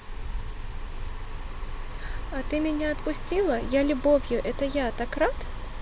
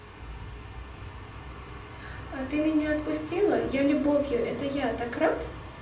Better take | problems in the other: first | room echo; dies away in 0.6 s

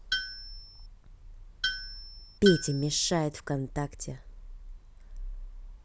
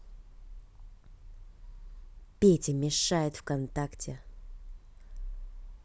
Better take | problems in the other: second | background sound (Tools); 4 dB below the speech

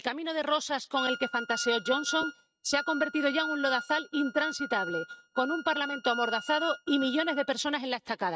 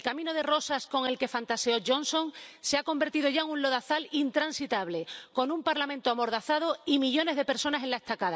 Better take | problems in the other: second | noise reduction (neural mask model RNNoise)

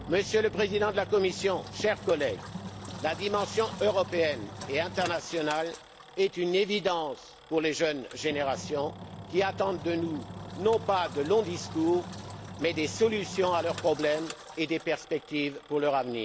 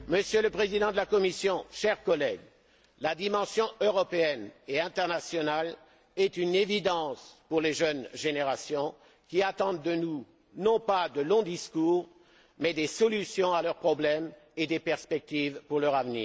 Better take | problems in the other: second | background sound (Engine); 13 dB below the speech

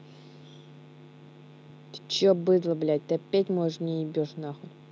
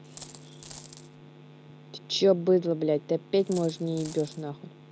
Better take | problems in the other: first | background sound (Coin (dropping)); 19 dB below the speech

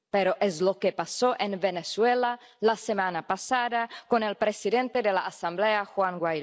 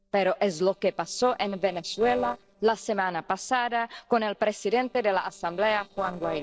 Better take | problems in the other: first | noise reduction (neural separator model SepFormer DNS4)

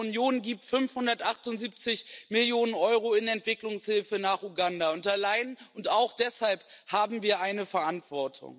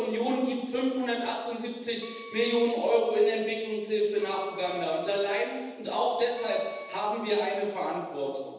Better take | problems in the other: first | background sound (Wind instrument, woodwind instrument); 19 dB below the speech // room echo; dies away in 1.1 s

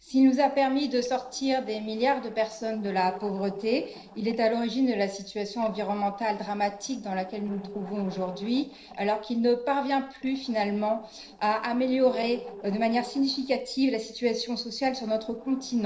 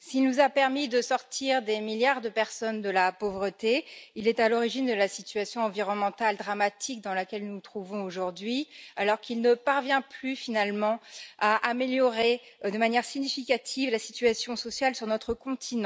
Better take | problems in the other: second | noise reduction (neural separator model SepFormer DNS4)

